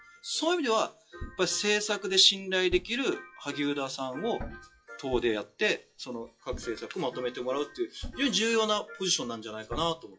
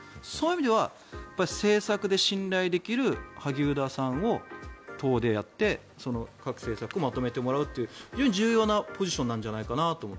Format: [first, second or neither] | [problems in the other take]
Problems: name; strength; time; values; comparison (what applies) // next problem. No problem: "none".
second | noise reduction (classical method WPE with log-MMSE)